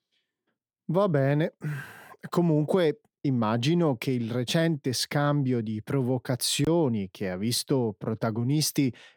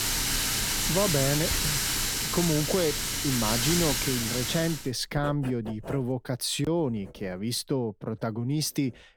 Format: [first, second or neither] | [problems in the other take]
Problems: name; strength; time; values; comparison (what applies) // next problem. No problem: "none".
first | household noises; very loud; throughout; 3 dB above the speech